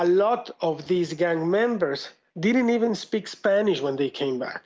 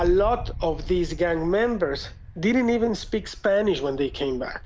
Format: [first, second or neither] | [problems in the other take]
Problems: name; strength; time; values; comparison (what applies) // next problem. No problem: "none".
first | background sound (Wind); 11 dB below the speech